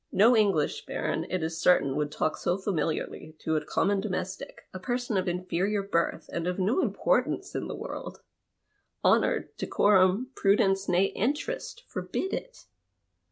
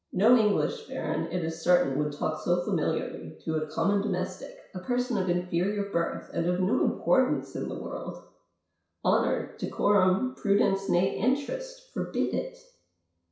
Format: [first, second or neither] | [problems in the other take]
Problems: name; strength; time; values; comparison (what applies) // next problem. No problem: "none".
first | room echo; dies away in 0.6 s